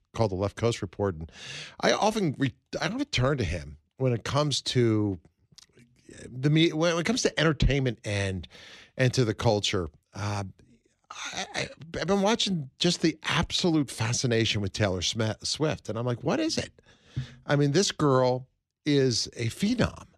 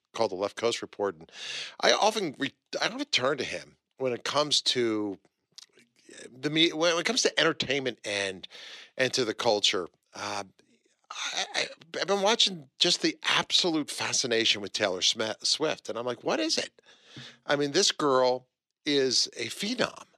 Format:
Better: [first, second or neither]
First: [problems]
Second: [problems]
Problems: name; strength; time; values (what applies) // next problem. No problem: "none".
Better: first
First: none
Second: thin; somewhat; fading below 350 Hz